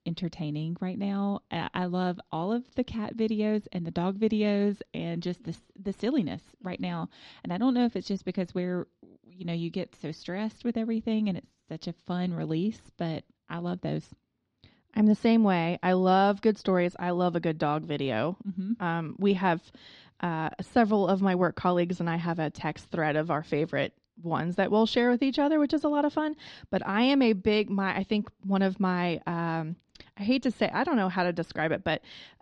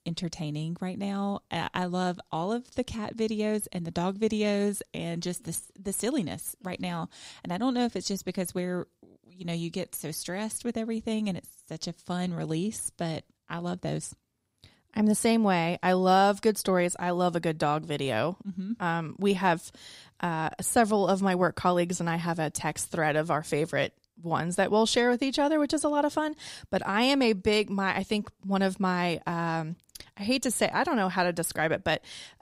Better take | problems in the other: second | muffled; very slightly; fading above 4.5 kHz

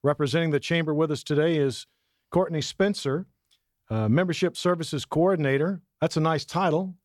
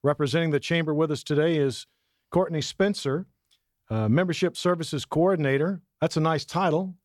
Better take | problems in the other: neither | none

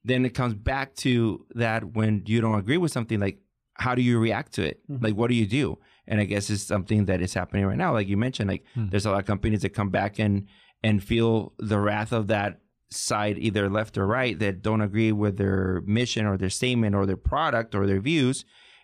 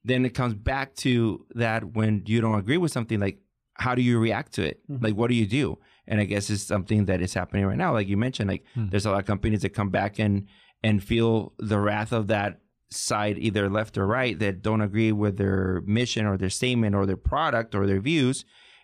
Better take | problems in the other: neither | none

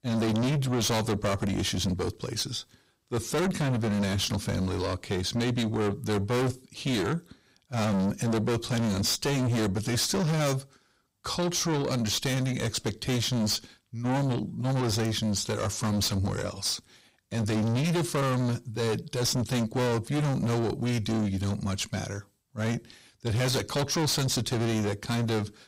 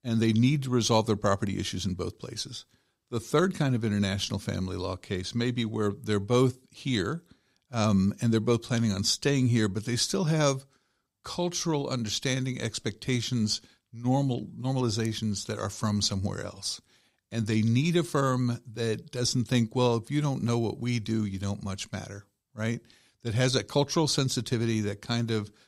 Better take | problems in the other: second | distortion; heavy; 5 dB below the speech

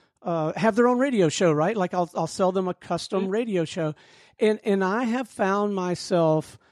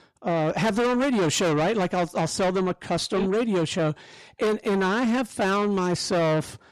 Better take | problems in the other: first | distortion; heavy; 6 dB below the speech

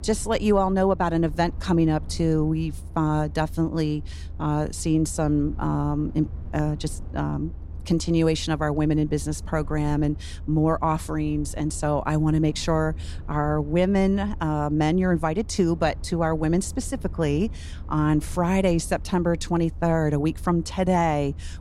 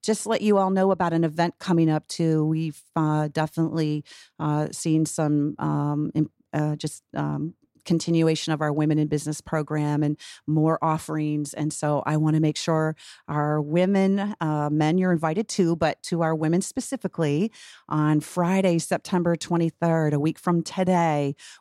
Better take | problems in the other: second | low rumble; faint; throughout; 25 dB below the speech

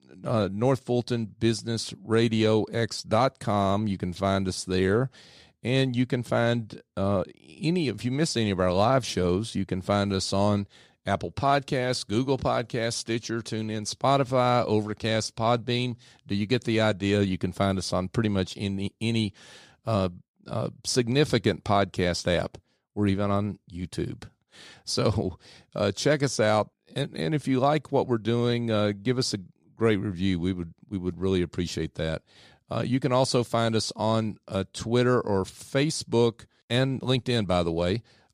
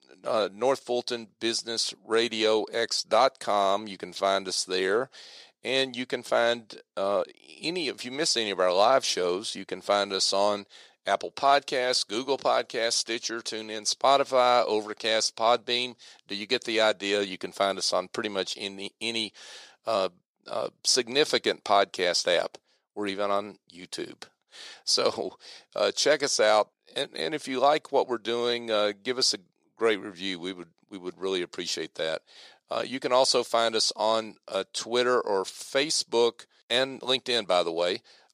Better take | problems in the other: first | thin; very; fading below 500 Hz

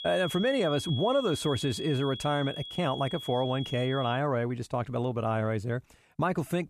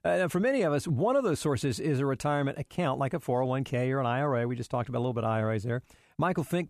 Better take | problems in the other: second | high-pitched whine; loud; until 4 s; 3.5 kHz, 9 dB below the speech

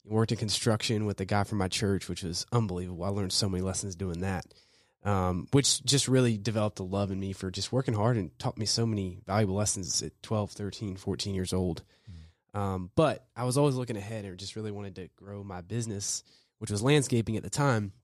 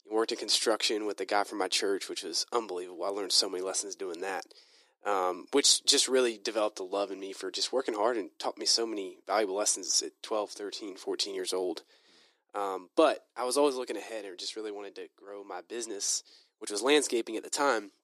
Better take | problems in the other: first | thin; very; fading below 300 Hz

